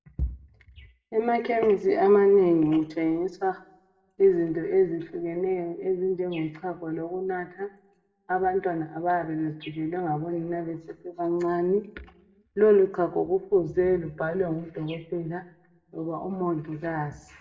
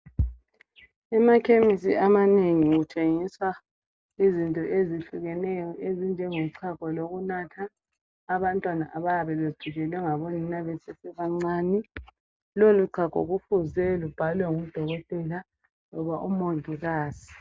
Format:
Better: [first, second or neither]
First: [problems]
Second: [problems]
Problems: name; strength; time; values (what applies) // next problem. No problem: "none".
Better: second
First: room echo; dies away in 0.6 s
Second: none